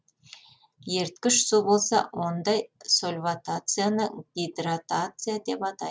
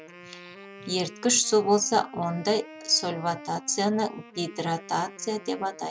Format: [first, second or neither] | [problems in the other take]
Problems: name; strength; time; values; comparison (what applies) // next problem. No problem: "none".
first | background sound (Wind instrument, woodwind instrument); 18 dB below the speech